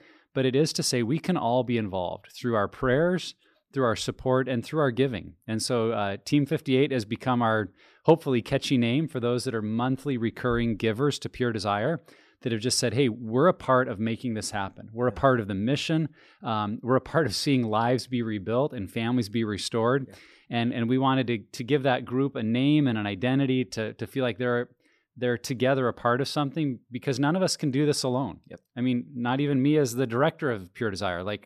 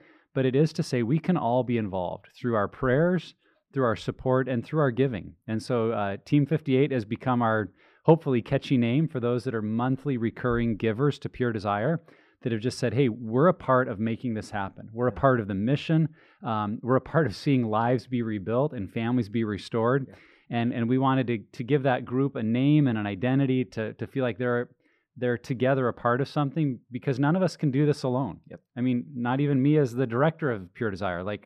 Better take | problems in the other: first | muffled; slightly; fading above 3.5 kHz

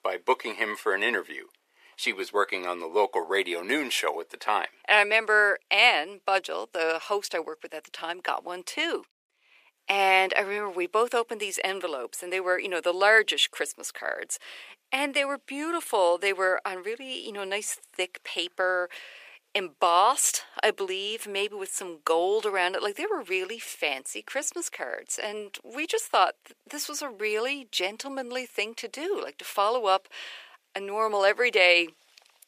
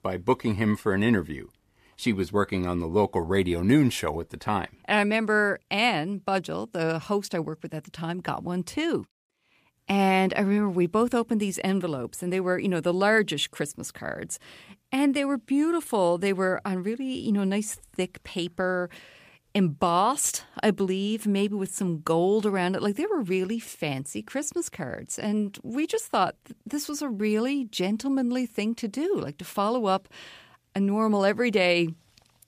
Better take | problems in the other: second | thin; very; fading below 400 Hz

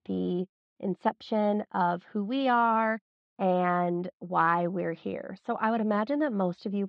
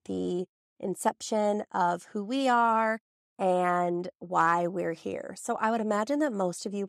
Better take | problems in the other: second | muffled; slightly; fading above 4 kHz

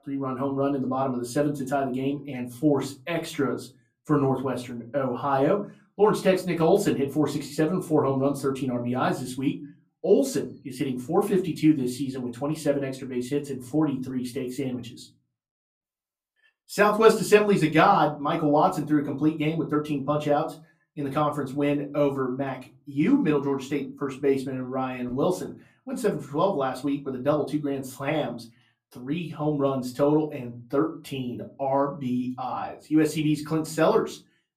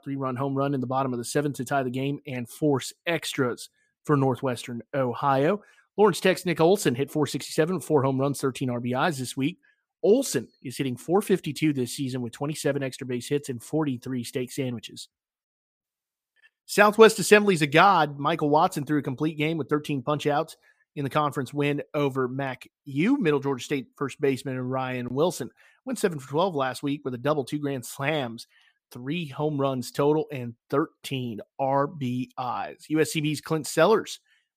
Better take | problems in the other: second | off-mic speech; far // room echo; very slight; dies away in 0.3 s

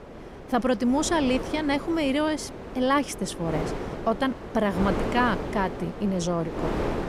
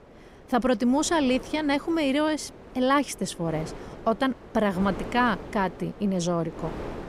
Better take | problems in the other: second | wind noise on the microphone; heavy; 8 dB below the speech; occasional gusts in the second

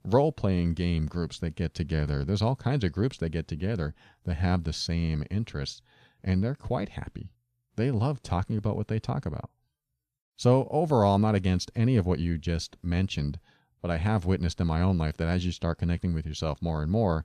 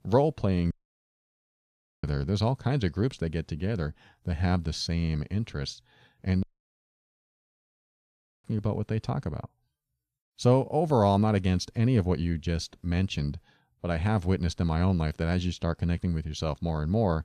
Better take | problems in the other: first | audio cutting out; at 0.5 s for 1.5 s and at 6.5 s for 2 s

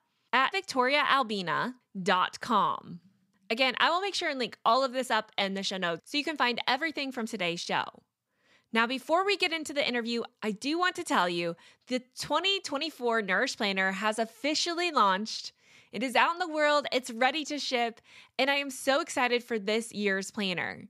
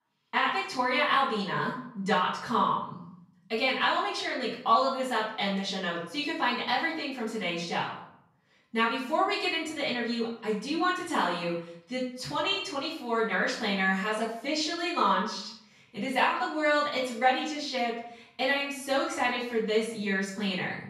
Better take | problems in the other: first | off-mic speech; far // room echo; noticeable; dies away in 0.6 s

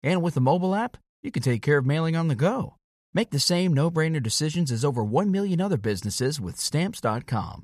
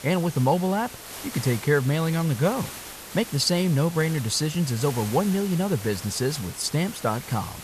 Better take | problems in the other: first | hiss; noticeable; throughout; 10 dB below the speech

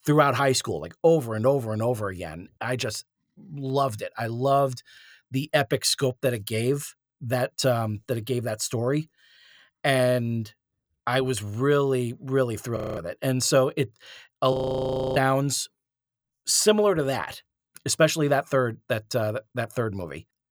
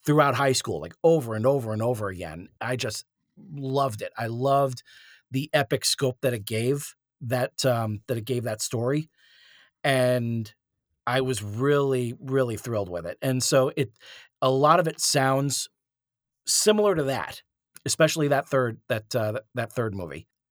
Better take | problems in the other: second | audio freezing; at 13 s and at 15 s for 0.5 s

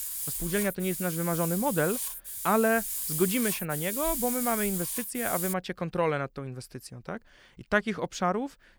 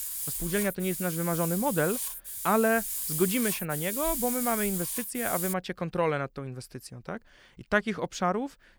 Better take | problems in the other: neither | hiss; loud; until 5.5 s; 2 dB below the speech; the same in both

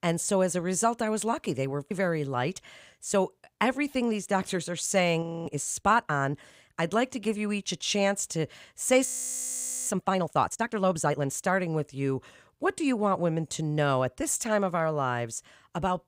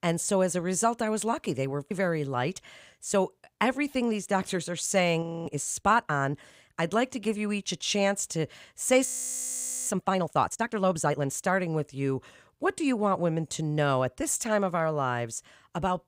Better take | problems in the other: neither | audio freezing; at 5 s and at 9 s for 1 s; the same in both

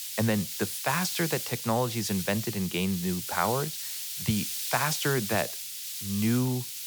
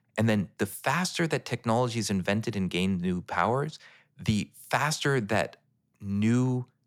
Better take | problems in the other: second | hiss; loud; throughout; 4 dB below the speech

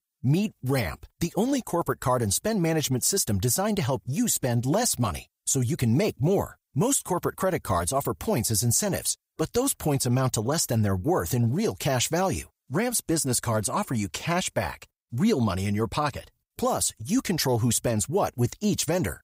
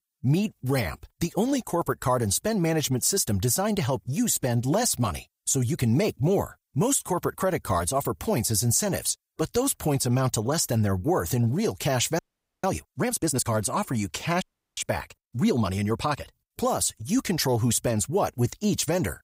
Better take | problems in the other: first | audio freezing; at 12 s and at 14 s

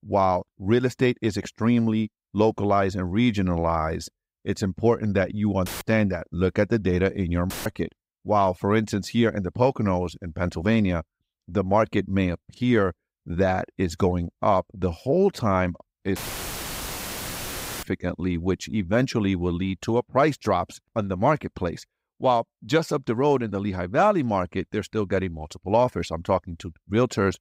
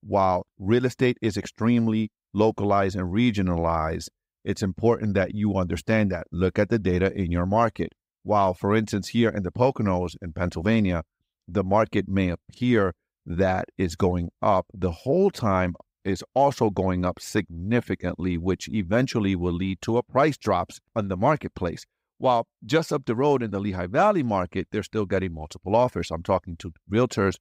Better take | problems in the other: second | audio cutting out; filled with static; at 5.5 s, at 7.5 s and at 16 s for 1.5 s

